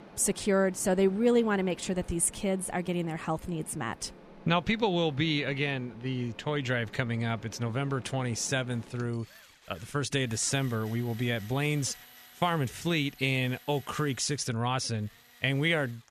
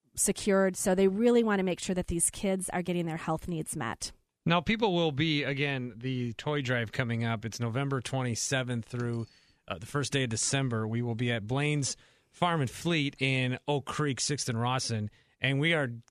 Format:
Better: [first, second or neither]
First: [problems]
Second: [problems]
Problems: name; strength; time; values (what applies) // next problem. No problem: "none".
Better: second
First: machinery noise; faint; throughout; 20 dB below the speech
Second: none